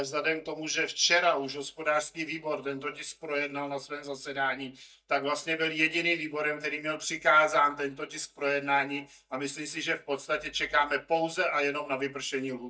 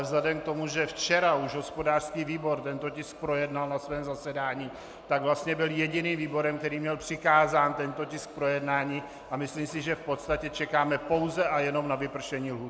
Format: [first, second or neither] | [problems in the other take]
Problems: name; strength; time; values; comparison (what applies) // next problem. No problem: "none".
second | noise reduction (neural mask model DeepFilterNet 3)